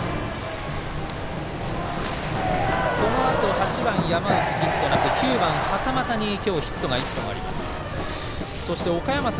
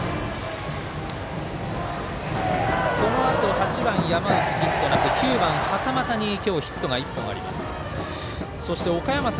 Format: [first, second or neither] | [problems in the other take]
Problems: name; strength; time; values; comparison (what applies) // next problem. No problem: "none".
second | background sound (Waves, surf); 11 dB below the speech